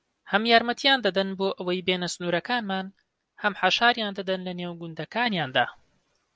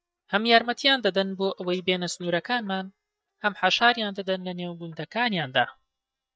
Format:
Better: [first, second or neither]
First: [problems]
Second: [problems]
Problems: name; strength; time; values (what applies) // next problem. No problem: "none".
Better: first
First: none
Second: noise reduction (neural mask model DeepFilterNet 3)